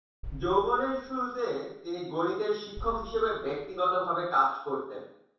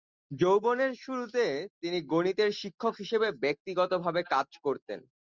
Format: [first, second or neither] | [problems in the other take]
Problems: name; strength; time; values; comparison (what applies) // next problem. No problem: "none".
second | background sound (Boom); 15 dB below the speech // room echo; dies away in 0.7 s